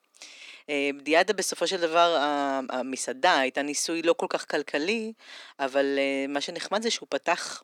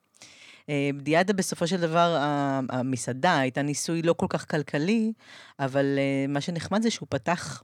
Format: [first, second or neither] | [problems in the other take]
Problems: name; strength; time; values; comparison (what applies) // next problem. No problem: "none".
second | thin; somewhat; fading below 300 Hz